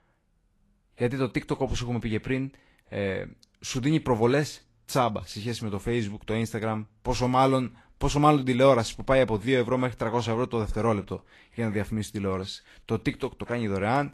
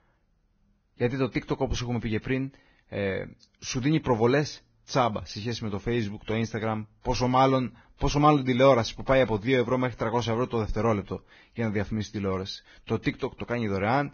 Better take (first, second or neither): first